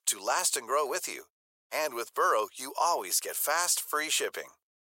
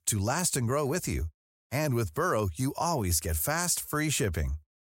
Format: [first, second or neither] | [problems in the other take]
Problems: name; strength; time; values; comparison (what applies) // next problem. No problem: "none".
second | thin; very; fading below 450 Hz